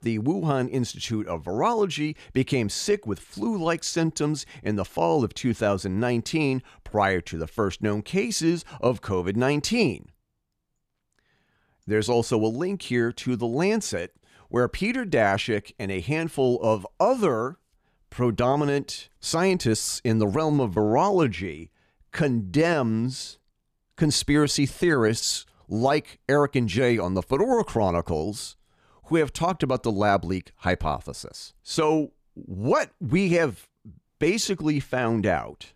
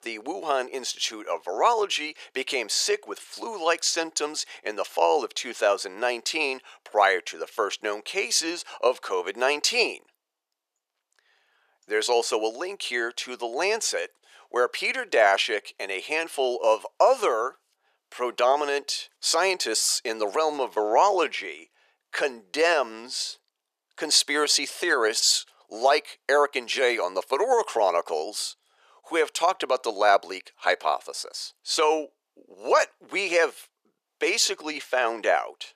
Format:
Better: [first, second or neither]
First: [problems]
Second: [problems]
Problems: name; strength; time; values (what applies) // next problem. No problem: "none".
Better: first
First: none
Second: thin; very; fading below 450 Hz